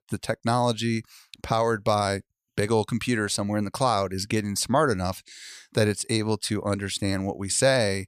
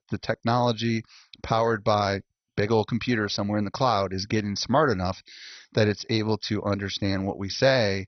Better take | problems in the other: first | garbled, watery; badly; nothing above 6 kHz

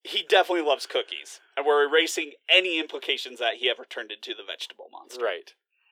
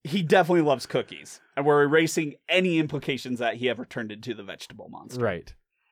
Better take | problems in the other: second | thin; very; fading below 350 Hz

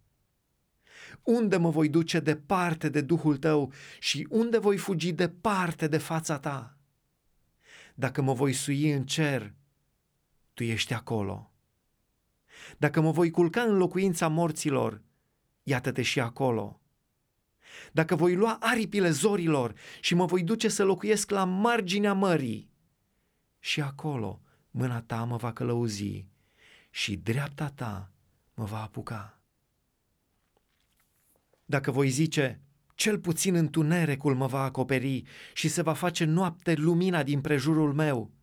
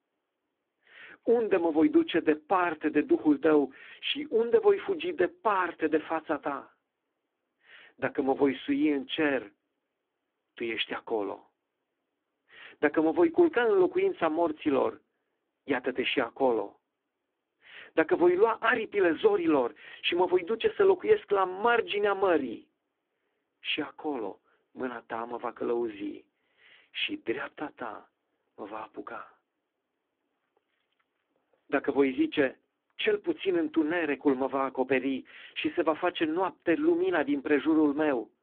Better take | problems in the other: first | phone-call audio; poor line; nothing above 3.5 kHz

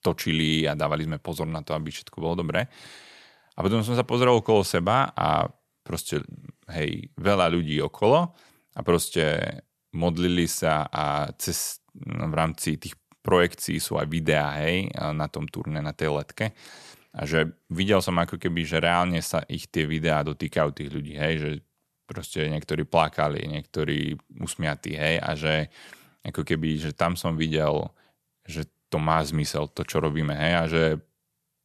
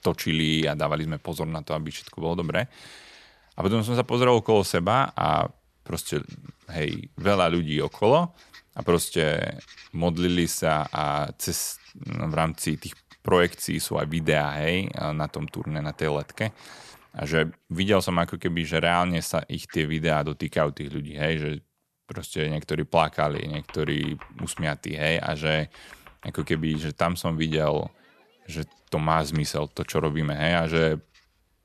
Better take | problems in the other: first | household noises; faint; throughout; 25 dB below the speech

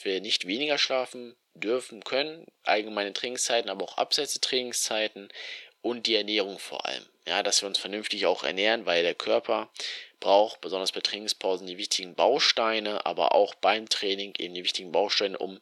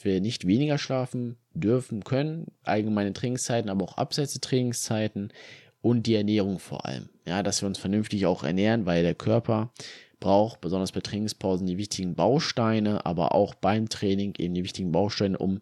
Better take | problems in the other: second | thin; very; fading below 450 Hz

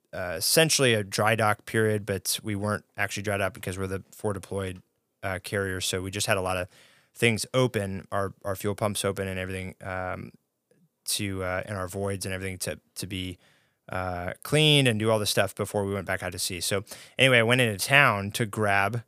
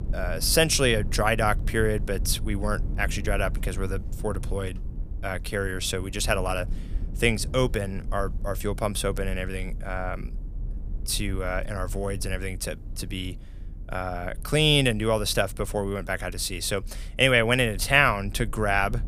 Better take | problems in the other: first | low rumble; faint; throughout; 25 dB below the speech

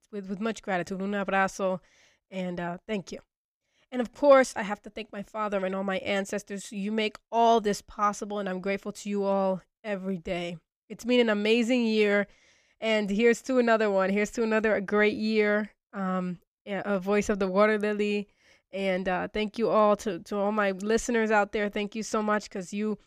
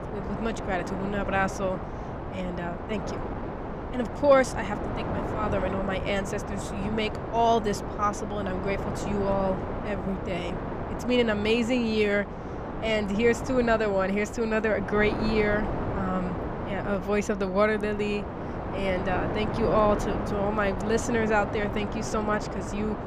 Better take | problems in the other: first | wind noise on the microphone; heavy; 7 dB below the speech

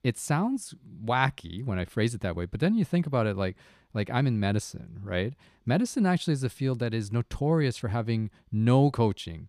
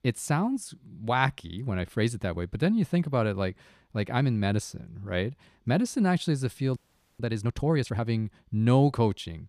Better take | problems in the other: first | audio freezing; at 7 s

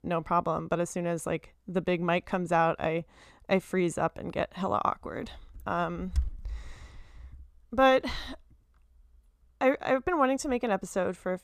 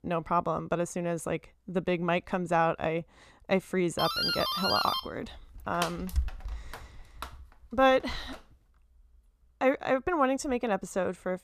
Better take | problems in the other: first | doorbell; loud; from 4 to 8.5 s; peak 2 dB above the speech

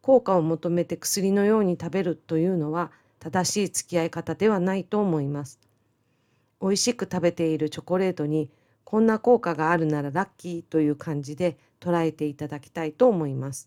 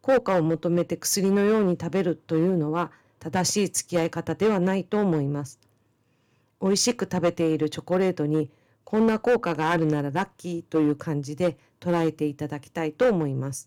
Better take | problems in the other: first | distortion; slight; 4% of the sound clipped

